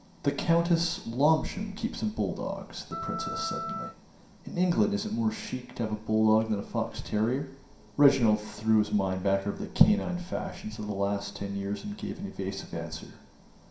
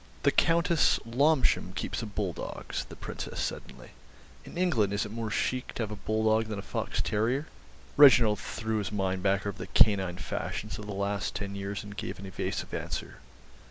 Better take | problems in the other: second | background sound (Wind instrument, woodwind instrument); 9 dB below the speech // room echo; dies away in 0.5 s

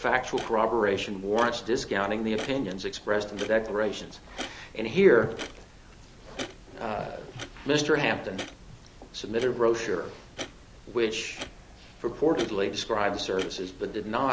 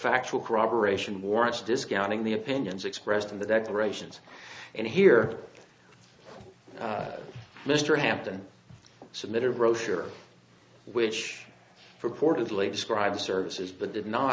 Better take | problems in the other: second | background sound (Clock); 15 dB below the speech

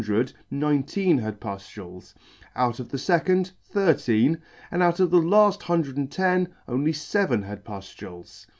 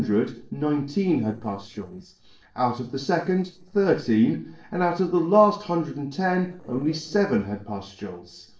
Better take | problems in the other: first | noise reduction (neural separator model SepFormer DNS4)

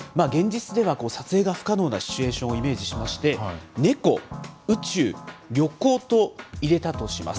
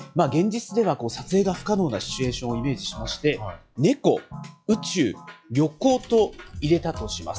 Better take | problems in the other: first | noise reduction (classical method log-MMSE)

